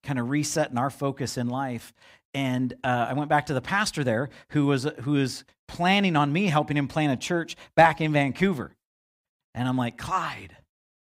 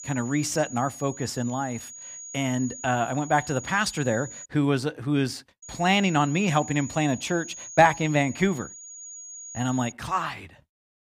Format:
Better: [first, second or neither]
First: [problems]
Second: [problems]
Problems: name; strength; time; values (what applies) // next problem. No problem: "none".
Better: first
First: none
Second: high-pitched whine; noticeable; until 4.5 s and from 5.5 to 10 s; 6.5 kHz, 15 dB below the speech